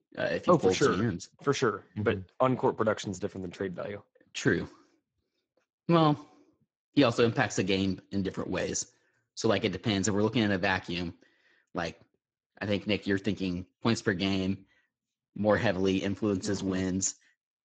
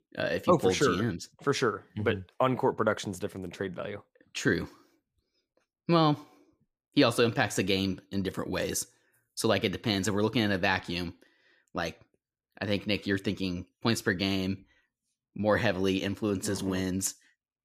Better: second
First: garbled, watery; badly; nothing above 7.5 kHz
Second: none

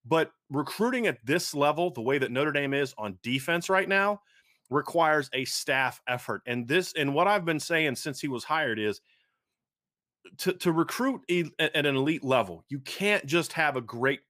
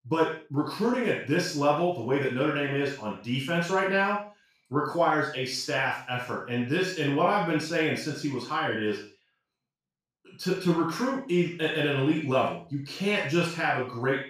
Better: first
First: none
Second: room echo; noticeable; dies away in 0.4 s // off-mic speech; far

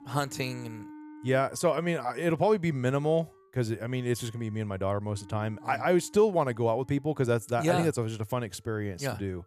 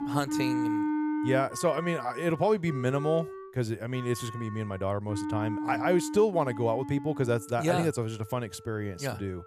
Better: first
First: background music; faint; throughout; 20 dB below the speech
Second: background music; loud; throughout; 5 dB below the speech

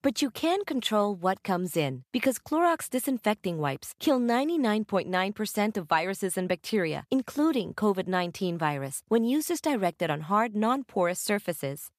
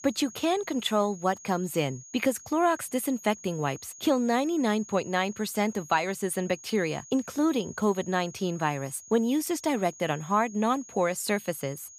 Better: first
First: none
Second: high-pitched whine; noticeable; throughout; 6.5 kHz, 15 dB below the speech

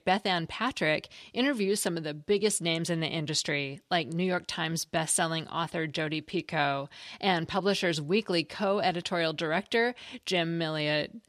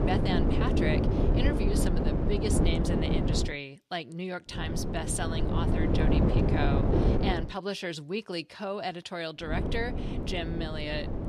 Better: first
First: none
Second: wind noise on the microphone; heavy; until 3.5 s, from 4.5 to 7.5 s and from 9.5 s on; 1 dB above the speech

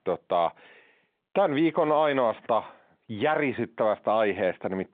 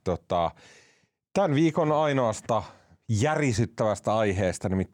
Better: second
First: phone-call audio; nothing above 3.5 kHz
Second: none

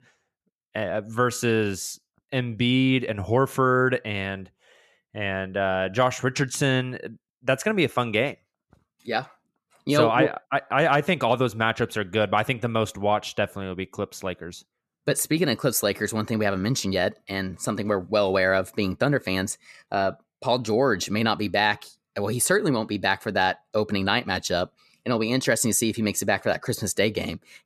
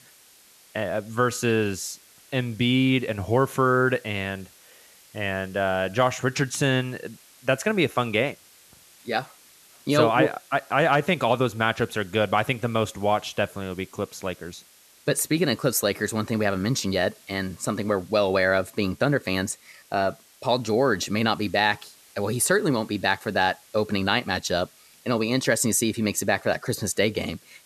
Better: first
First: none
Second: hiss; faint; throughout; 25 dB below the speech

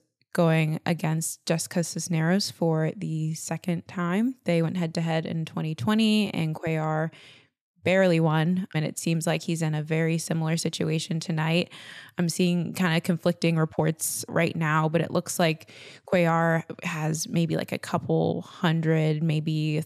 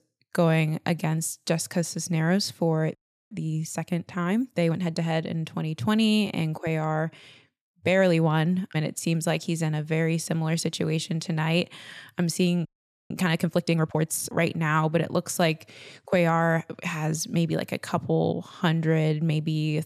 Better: first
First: none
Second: audio freezing; at 3 s and at 13 s

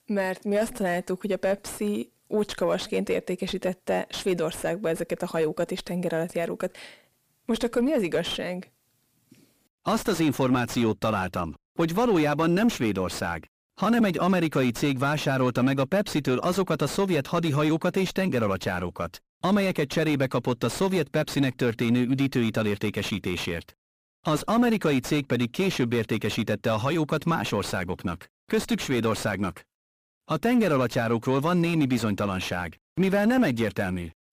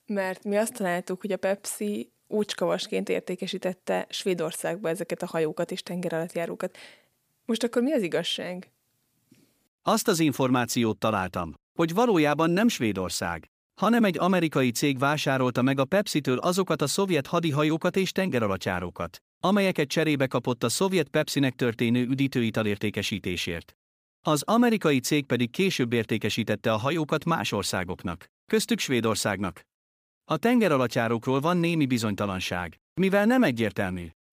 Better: second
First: distortion; slight; 10 dB below the speech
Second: none

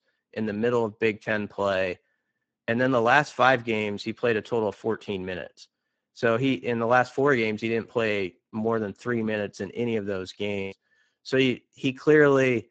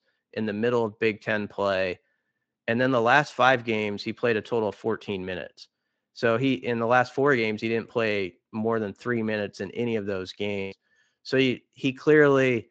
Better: second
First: garbled, watery; badly; nothing above 7.5 kHz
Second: garbled, watery; slightly; nothing above 7.5 kHz

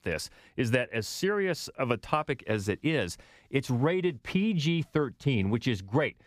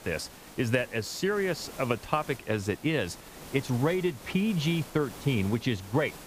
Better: first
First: none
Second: hiss; noticeable; throughout; 15 dB below the speech

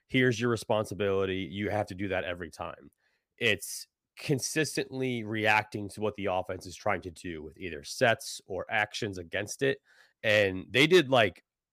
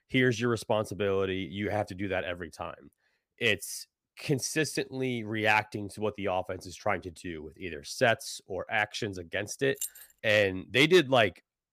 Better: first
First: none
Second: jangling keys; noticeable; at 10 s; peak 8 dB below the speech

